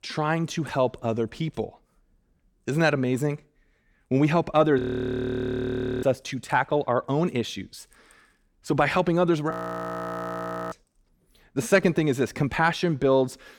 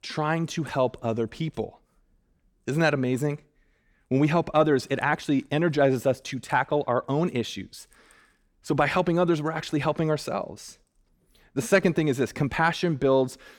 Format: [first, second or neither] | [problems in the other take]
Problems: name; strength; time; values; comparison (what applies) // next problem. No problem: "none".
second | audio freezing; at 5 s for 1 s and at 9.5 s for 1 s